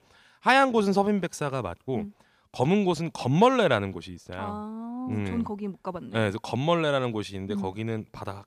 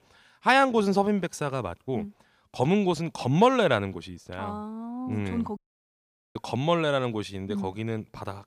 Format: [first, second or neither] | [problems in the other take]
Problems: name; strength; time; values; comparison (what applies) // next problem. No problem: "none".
first | audio cutting out; at 5.5 s for 1 s